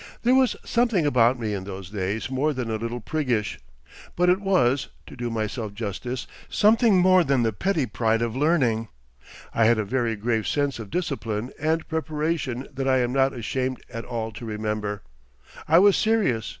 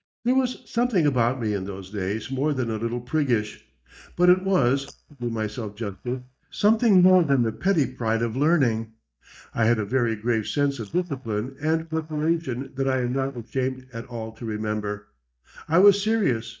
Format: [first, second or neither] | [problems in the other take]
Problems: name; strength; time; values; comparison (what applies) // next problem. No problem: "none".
first | noise reduction (neural mask model DeepFilterNet 3)